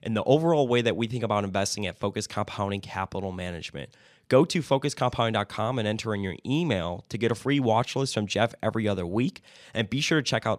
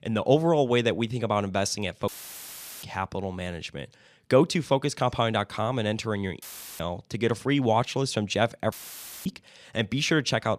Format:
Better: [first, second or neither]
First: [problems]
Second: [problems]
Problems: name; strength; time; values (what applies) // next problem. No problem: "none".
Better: first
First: none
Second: audio cutting out; filled with static; at 2 s for 1 s, at 6.5 s and at 8.5 s for 0.5 s